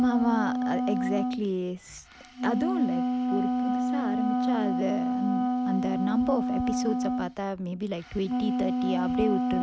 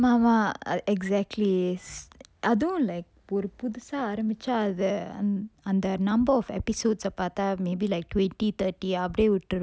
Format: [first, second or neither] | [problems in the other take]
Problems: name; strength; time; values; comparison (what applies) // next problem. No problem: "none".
second | background sound (Wind instrument, woodwind instrument); 3 dB above the speech